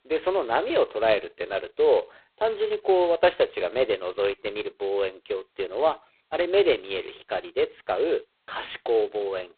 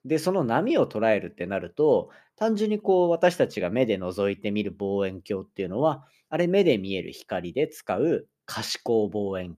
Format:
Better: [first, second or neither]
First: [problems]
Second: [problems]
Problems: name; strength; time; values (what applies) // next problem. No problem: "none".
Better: second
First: phone-call audio; poor line; nothing above 4 kHz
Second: none